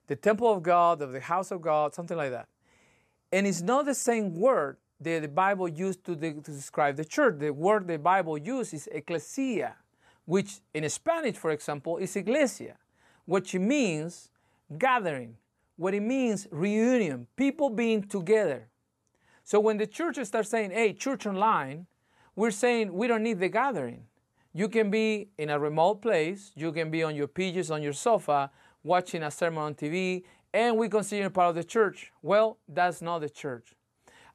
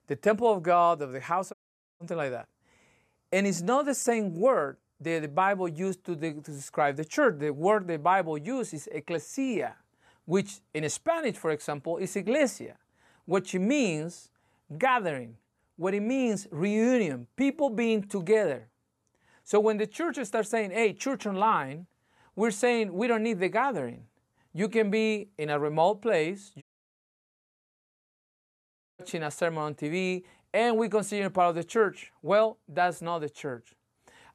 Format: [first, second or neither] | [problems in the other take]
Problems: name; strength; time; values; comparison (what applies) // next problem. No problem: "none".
first | audio cutting out; at 1.5 s and at 27 s for 2.5 s